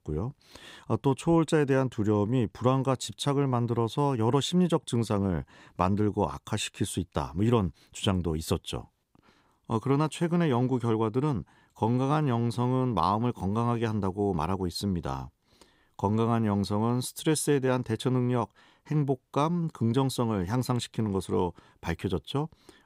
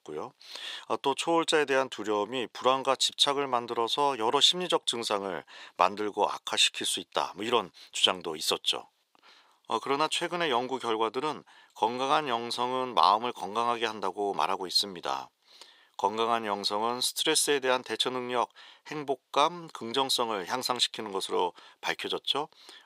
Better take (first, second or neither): first